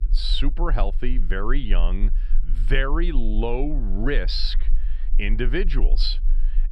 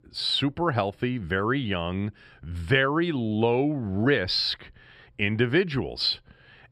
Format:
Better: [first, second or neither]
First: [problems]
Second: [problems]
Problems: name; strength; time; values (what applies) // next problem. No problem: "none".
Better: second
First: low rumble; faint; throughout; 25 dB below the speech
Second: none